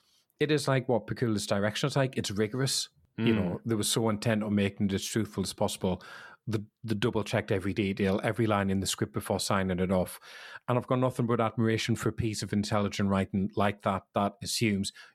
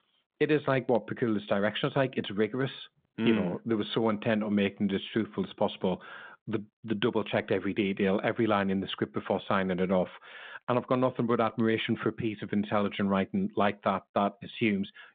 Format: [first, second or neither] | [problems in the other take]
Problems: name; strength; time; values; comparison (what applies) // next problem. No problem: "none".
first | phone-call audio; nothing above 3.5 kHz